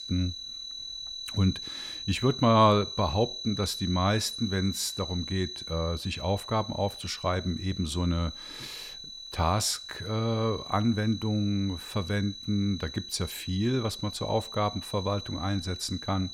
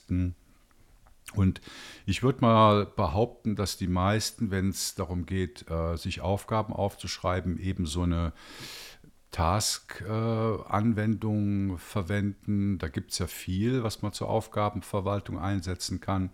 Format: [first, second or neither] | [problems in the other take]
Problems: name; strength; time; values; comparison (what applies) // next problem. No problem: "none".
second | high-pitched whine; loud; throughout; 4 kHz, 9 dB below the speech